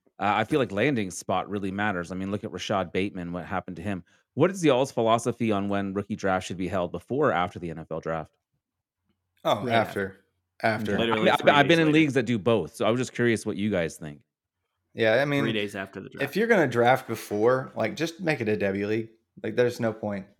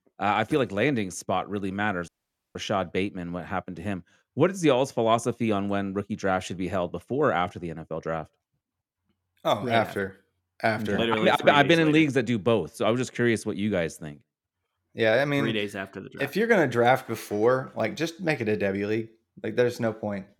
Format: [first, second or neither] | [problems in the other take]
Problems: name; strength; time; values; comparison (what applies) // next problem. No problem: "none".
first | audio cutting out; at 2 s